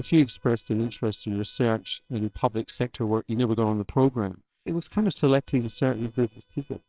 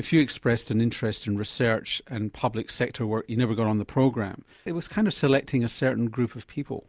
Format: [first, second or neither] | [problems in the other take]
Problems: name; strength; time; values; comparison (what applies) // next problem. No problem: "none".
second | noise reduction (neural separator model SepFormer WHAMR!)